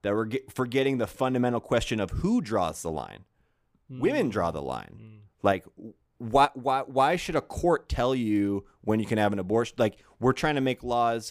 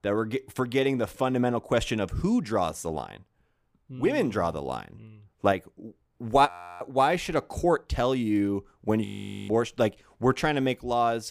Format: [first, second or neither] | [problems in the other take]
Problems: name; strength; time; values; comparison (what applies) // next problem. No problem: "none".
first | audio freezing; at 6.5 s and at 9 s